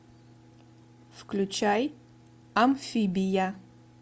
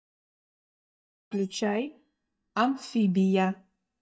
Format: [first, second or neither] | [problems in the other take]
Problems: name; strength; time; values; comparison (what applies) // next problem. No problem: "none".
first | noise reduction (neural mask model DeepFilterNet 3)